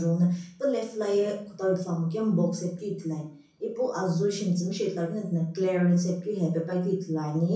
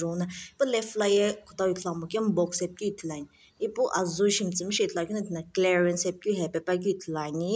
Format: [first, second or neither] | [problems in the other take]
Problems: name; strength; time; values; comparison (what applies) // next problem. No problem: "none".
second | room echo; dies away in 0.6 s